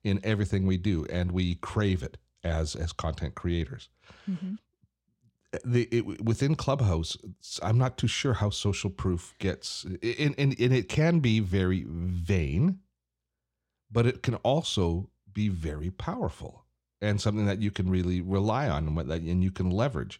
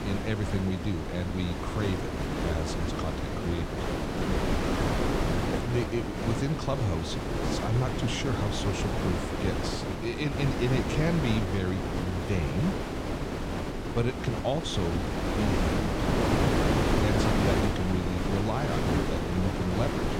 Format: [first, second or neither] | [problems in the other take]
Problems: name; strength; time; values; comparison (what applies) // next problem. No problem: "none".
first | wind noise on the microphone; heavy; 3 dB above the speech